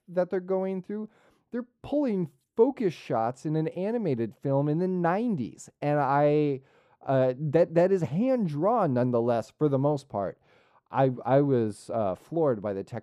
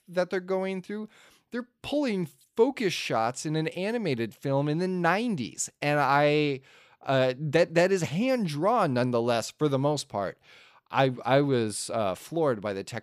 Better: second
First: muffled; very; fading above 1.5 kHz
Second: none

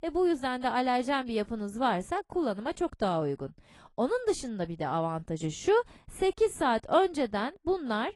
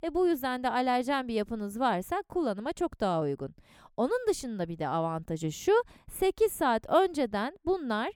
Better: second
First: garbled, watery; slightly; nothing above 11.5 kHz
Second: none

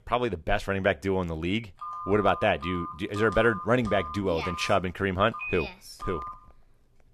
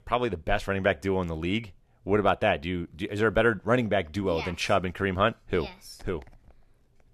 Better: second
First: phone ringing; noticeable; from 2 to 6.5 s; peak 6 dB below the speech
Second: none

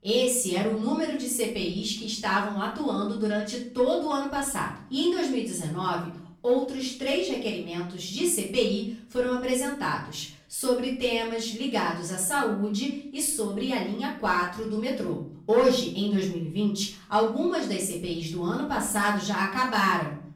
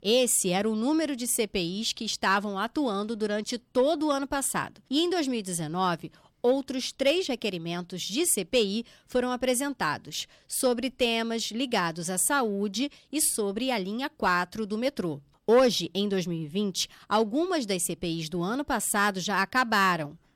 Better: second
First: off-mic speech; far // room echo; noticeable; dies away in 0.5 s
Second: none

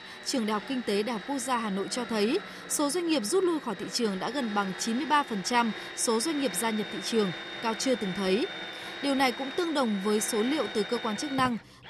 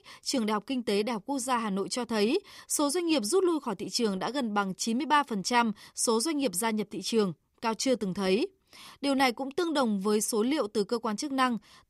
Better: second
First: machinery noise; loud; throughout; 10 dB below the speech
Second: none

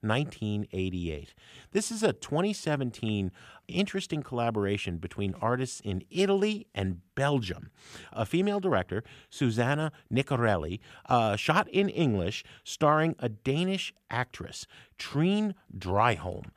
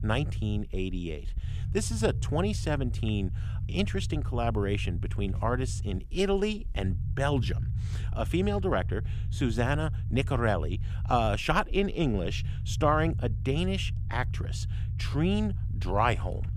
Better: first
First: none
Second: low rumble; noticeable; throughout; 15 dB below the speech

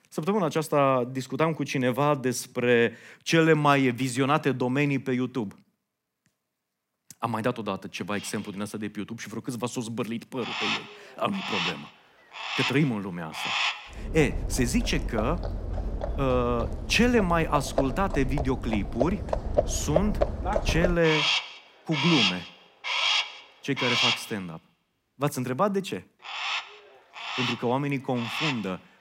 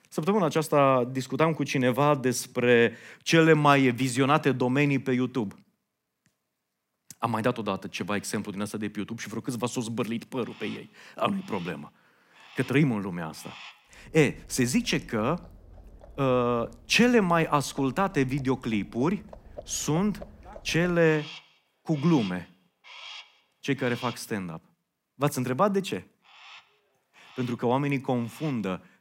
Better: second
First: animal sounds; loud; from 8.5 s on; 2 dB below the speech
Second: animal sounds; faint; from 8.5 s on; 20 dB below the speech

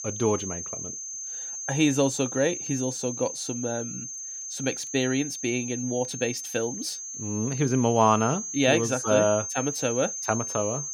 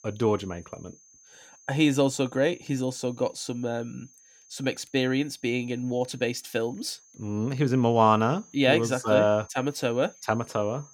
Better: second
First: high-pitched whine; loud; throughout; 6.5 kHz, 6 dB below the speech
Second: high-pitched whine; faint; throughout; 6.5 kHz, 25 dB below the speech

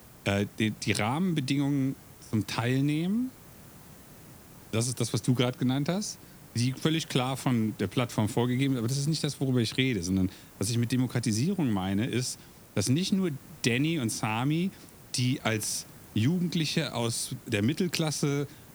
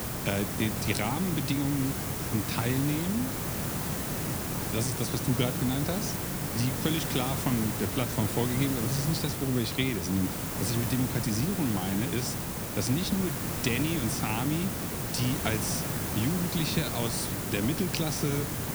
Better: first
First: hiss; faint; throughout; 20 dB below the speech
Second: hiss; loud; throughout; 1 dB below the speech

